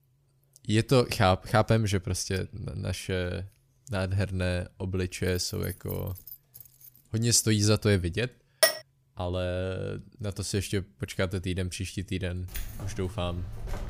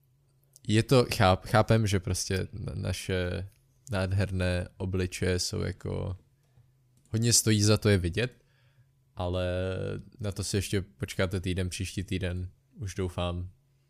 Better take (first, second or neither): second